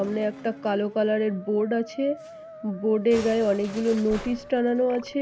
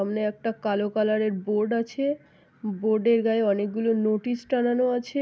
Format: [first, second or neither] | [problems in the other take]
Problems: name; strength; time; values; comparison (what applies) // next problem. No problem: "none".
second | background sound (Musical instrument + Musical instrument); 16 dB below the speech